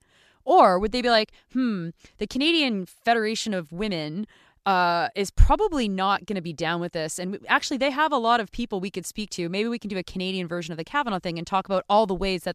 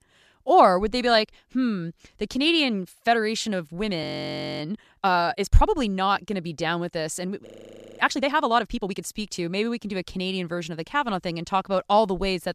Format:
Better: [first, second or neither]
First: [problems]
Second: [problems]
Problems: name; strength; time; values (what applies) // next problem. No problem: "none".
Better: first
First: none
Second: audio freezing; at 4 s for 0.5 s and at 7.5 s for 0.5 s